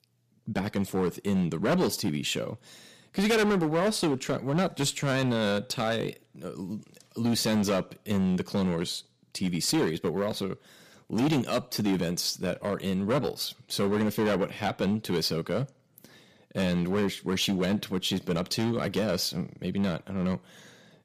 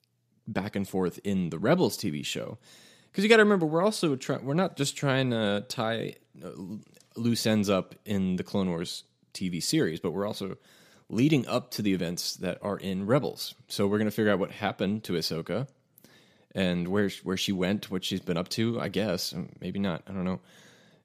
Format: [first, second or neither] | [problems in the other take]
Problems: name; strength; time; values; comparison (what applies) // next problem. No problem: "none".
second | distortion; heavy; 8% of the sound clipped